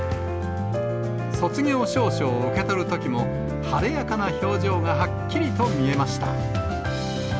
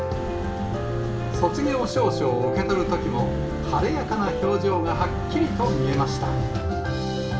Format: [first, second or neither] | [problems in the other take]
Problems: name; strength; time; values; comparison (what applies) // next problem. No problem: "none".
first | background sound (Wind); 10 dB below the speech // room echo; dies away in 0.3 s